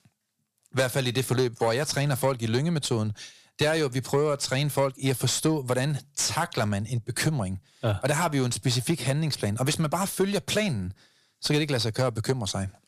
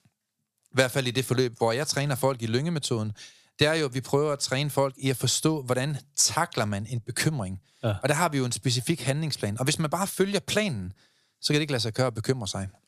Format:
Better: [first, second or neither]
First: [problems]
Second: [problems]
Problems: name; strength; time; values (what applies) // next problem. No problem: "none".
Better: second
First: distortion; slight; 10 dB below the speech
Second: none